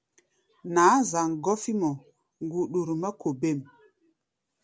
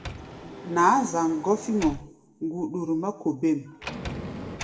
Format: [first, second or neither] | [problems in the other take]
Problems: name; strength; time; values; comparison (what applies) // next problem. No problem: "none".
first | background sound (Sliding door); 12 dB below the speech // room echo; dies away in 1.1 s